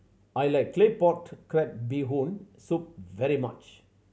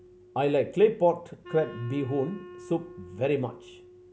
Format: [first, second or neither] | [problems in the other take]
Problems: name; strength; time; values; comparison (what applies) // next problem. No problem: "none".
first | background sound (Wind instrument, woodwind instrument); 18 dB below the speech